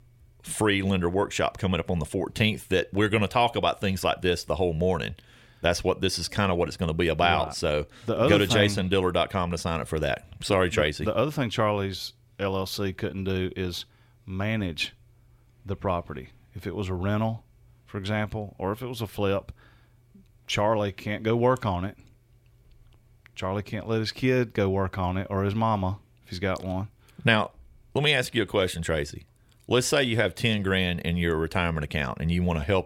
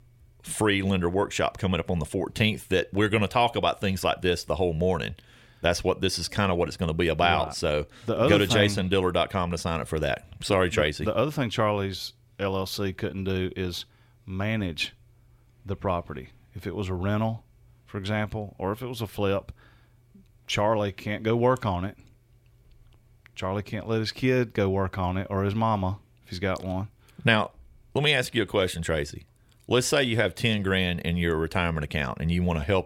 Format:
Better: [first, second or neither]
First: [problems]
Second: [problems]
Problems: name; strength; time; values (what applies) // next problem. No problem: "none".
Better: neither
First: none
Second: none